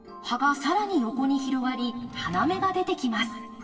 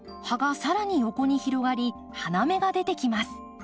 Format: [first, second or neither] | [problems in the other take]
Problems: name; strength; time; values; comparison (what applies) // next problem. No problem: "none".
second | background sound (Drawer open or close); 18 dB below the speech // room echo; dies away in 1.4 s